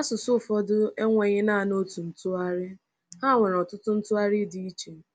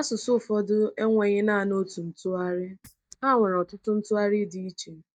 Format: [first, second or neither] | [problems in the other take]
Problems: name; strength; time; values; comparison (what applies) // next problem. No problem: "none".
first | noise reduction (neural mask model DeepFilterNet 3)